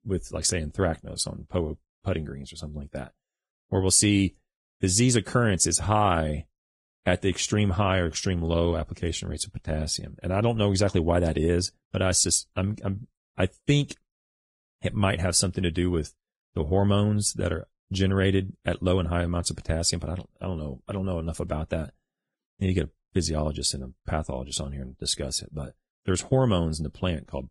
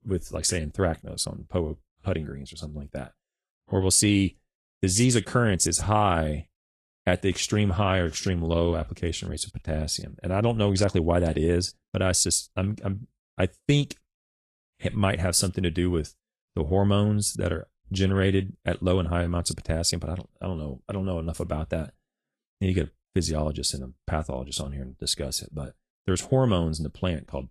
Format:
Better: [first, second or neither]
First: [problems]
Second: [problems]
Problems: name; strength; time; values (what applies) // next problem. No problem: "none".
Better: second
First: garbled, watery; badly; nothing above 10.5 kHz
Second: garbled, watery; slightly